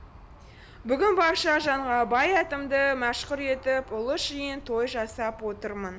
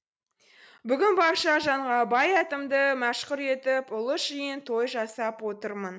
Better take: second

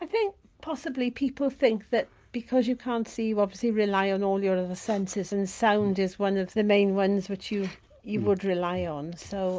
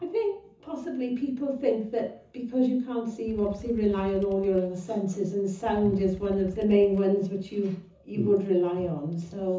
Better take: first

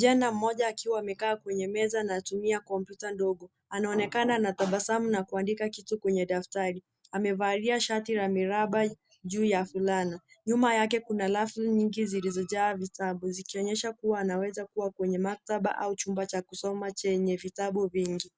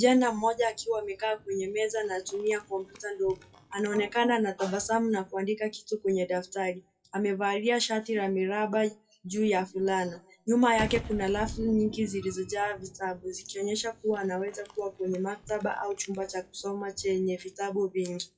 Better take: first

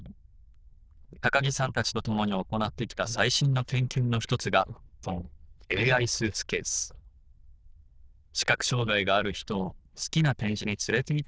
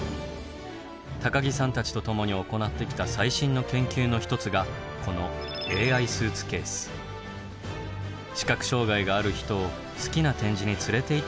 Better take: second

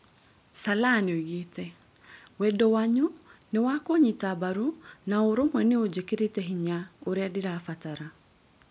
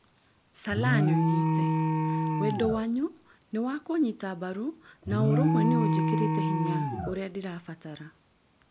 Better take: first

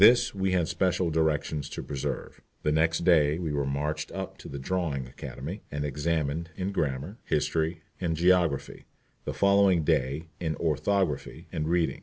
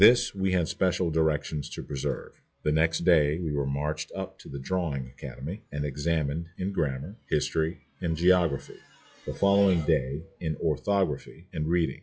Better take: first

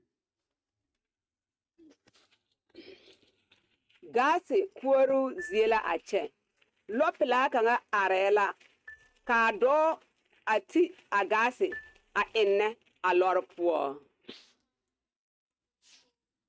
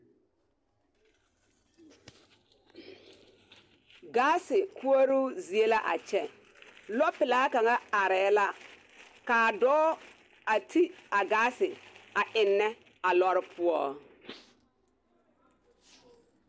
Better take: second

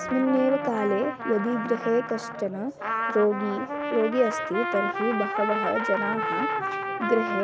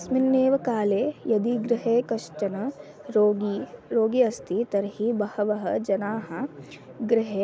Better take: second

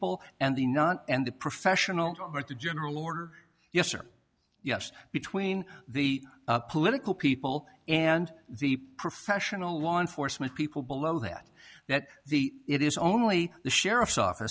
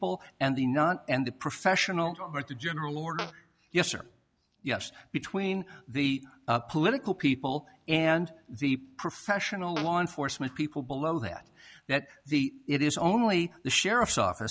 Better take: first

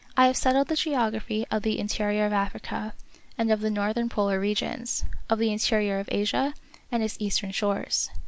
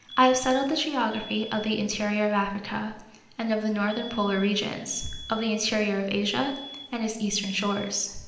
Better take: first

